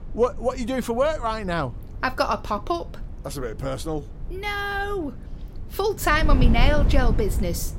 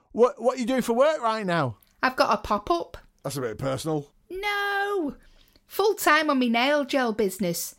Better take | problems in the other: second | wind noise on the microphone; occasional gusts; 15 dB below the speech

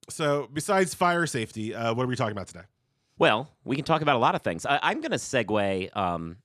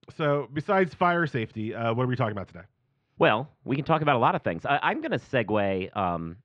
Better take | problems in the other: first | muffled; very; fading above 3 kHz

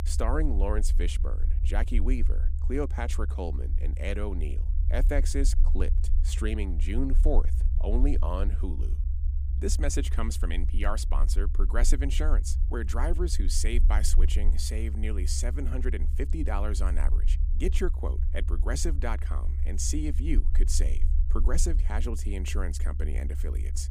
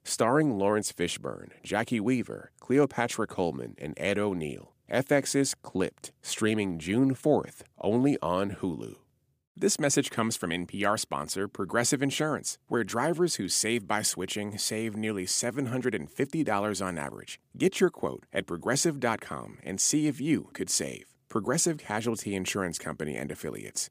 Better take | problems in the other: second | low rumble; noticeable; throughout; 15 dB below the speech

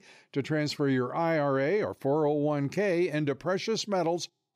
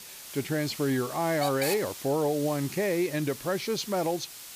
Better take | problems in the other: first | hiss; loud; throughout; 9 dB below the speech

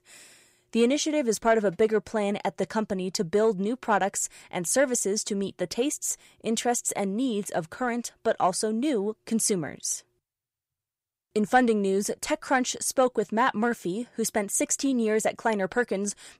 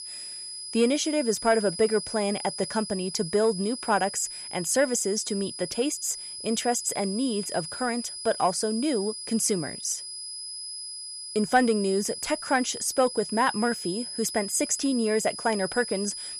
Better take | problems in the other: first | high-pitched whine; loud; throughout; 5 kHz, 8 dB below the speech

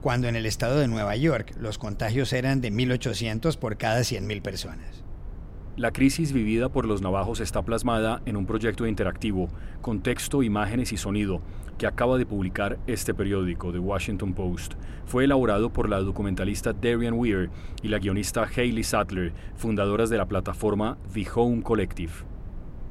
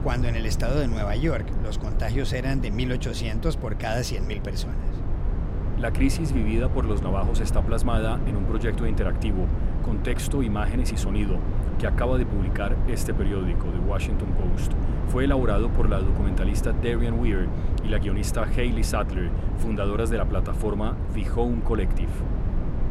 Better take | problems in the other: first | low rumble; loud; throughout; 7 dB below the speech; faint in the first

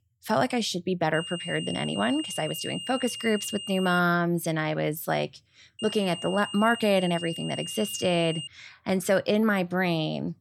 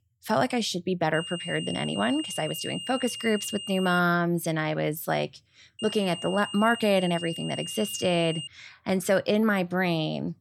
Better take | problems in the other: neither | high-pitched whine; loud; from 1 to 4 s and from 6 to 8.5 s; 3 kHz, 9 dB below the speech; the same in both

